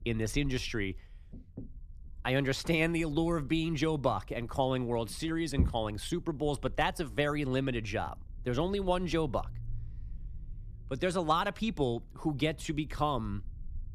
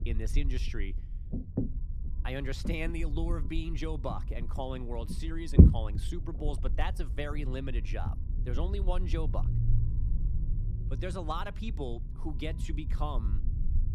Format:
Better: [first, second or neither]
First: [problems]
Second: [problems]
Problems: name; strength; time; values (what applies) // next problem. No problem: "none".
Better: first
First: low rumble; faint; throughout; 25 dB below the speech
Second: low rumble; loud; throughout; 3 dB below the speech